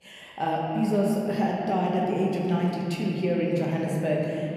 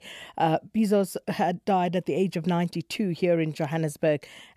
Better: second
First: room echo; noticeable; dies away in 3 s // off-mic speech; somewhat distant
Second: none

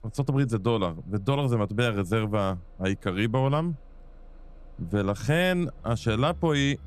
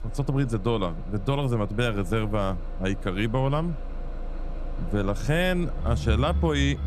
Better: first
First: traffic noise; faint; throughout; 25 dB below the speech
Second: traffic noise; loud; throughout; 8 dB below the speech

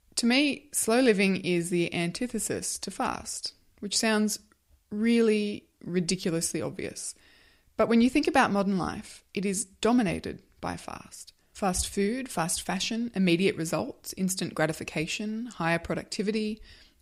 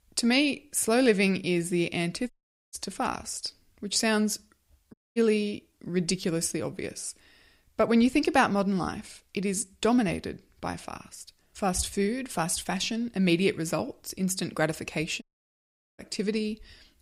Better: first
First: none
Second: audio cutting out; at 2.5 s, at 5 s and at 15 s for 1 s

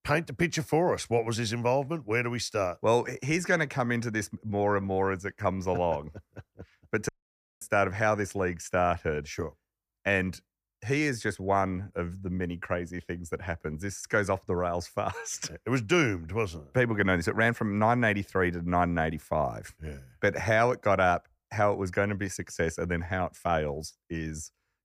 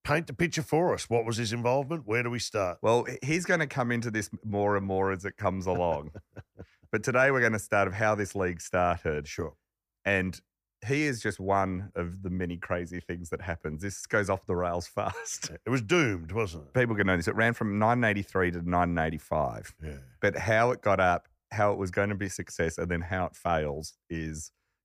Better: second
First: audio cutting out; at 7 s for 0.5 s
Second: none

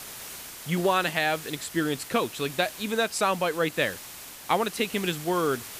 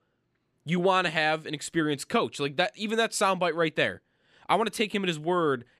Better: second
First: hiss; noticeable; throughout; 10 dB below the speech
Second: none

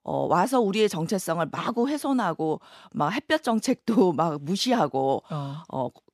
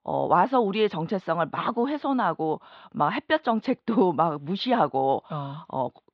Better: first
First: none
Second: muffled; slightly; fading above 4 kHz

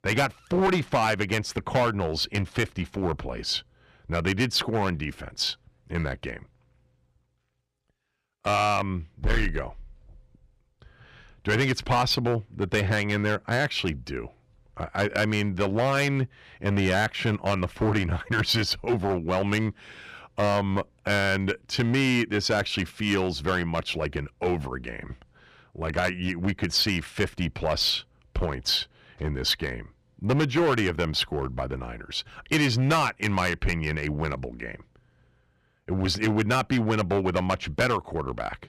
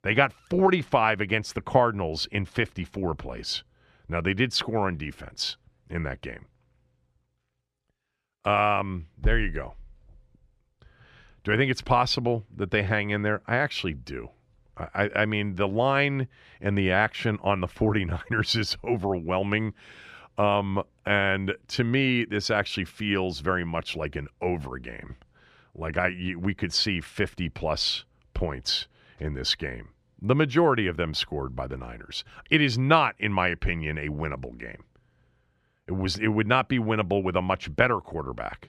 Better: second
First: distortion; heavy; 6% of the sound clipped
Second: none

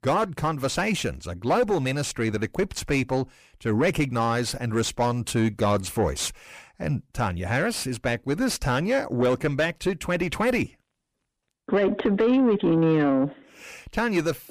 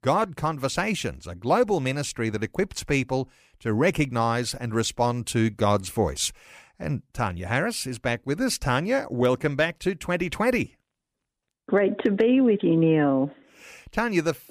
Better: second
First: distortion; slight; 10 dB below the speech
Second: none

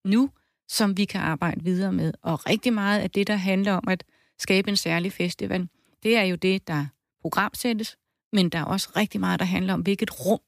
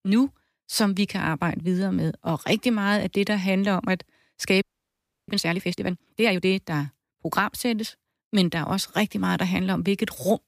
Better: first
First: none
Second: audio freezing; at 4.5 s for 0.5 s

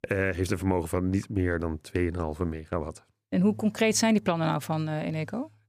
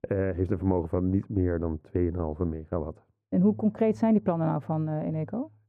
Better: first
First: none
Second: muffled; very; fading above 2 kHz

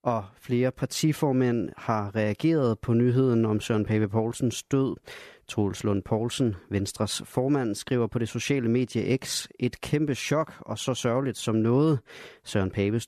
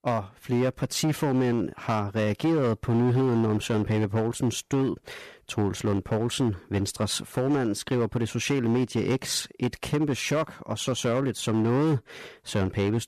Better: first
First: none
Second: distortion; slight; 11% of the sound clipped

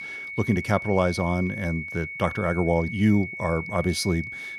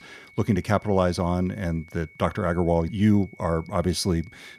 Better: second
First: high-pitched whine; loud; throughout; 2 kHz, 8 dB below the speech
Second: high-pitched whine; faint; throughout; 2 kHz, 25 dB below the speech

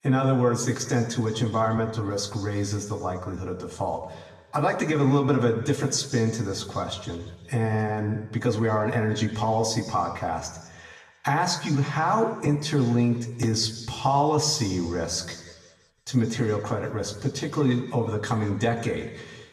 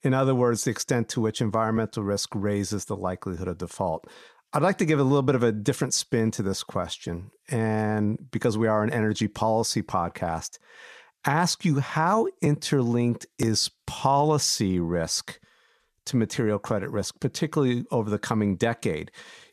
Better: second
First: room echo; slight; dies away in 1.3 s // off-mic speech; far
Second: none

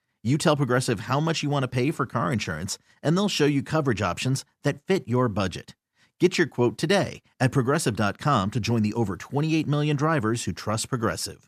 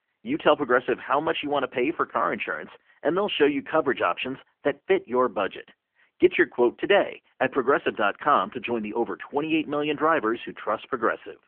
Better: first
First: none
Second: phone-call audio; nothing above 3 kHz

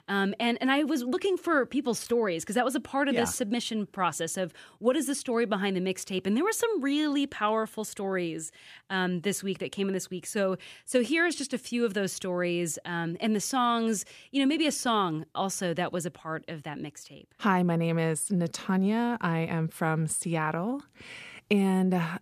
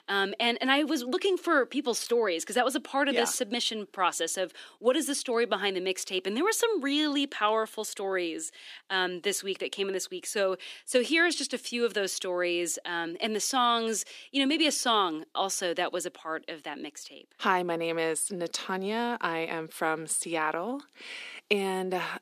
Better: first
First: none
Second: thin; very slightly; fading below 300 Hz

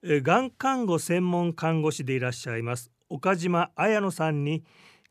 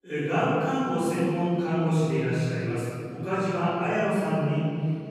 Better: first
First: none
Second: off-mic speech; far // room echo; strong; dies away in 2.8 s

